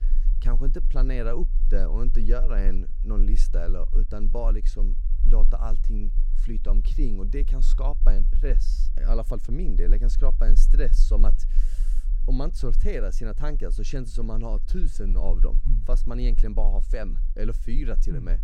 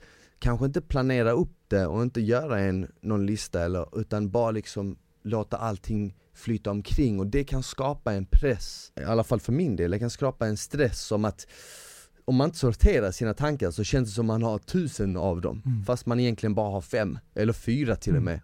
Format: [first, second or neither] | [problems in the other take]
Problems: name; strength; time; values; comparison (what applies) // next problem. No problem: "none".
second | low rumble; noticeable; throughout; 15 dB below the speech